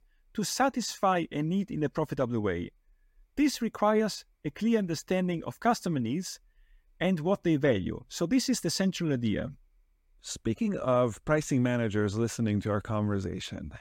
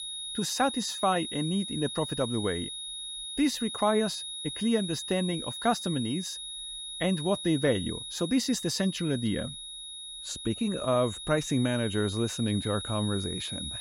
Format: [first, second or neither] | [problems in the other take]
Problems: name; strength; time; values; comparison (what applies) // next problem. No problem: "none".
first | high-pitched whine; loud; throughout; 4 kHz, 6 dB below the speech